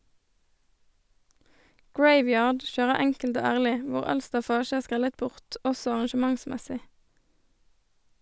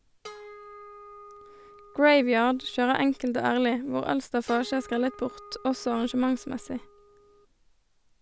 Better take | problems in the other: first | background sound (Harp); 20 dB below the speech

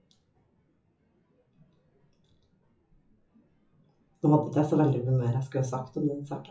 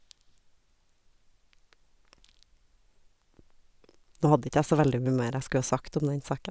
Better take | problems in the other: second | noise reduction (classical method WPE with log-MMSE)

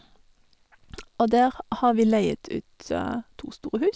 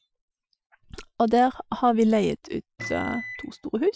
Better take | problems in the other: first | noise reduction (classical method Wiener filter)

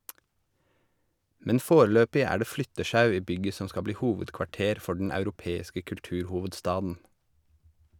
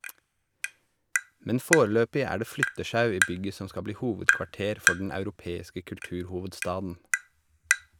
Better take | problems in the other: first | background sound (Tap); 2 dB below the speech

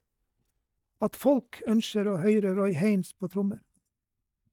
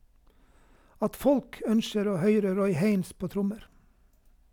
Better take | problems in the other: second | noise reduction (neural mask model DeepFilterNet 3)

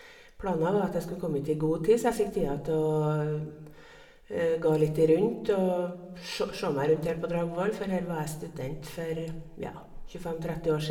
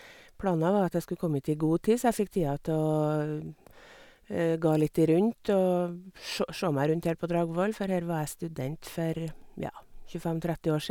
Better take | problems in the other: second | room echo; dies away in 0.7 s

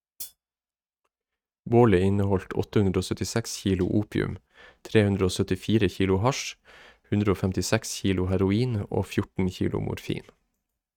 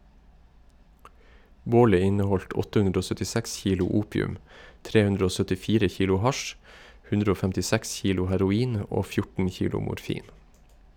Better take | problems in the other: second | noise reduction (neural mask model RNNoise)

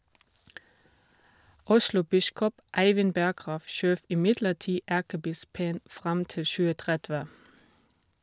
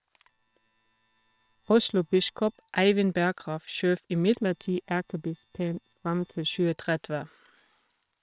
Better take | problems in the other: first | noise reduction (neural separator model SepFormer WHAM!)

